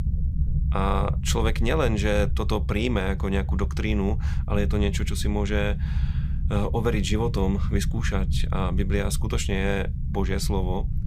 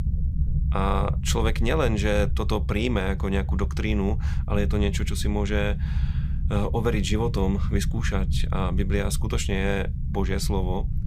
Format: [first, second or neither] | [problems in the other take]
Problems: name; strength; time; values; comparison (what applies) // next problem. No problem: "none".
neither | low rumble; noticeable; throughout; 15 dB below the speech; the same in both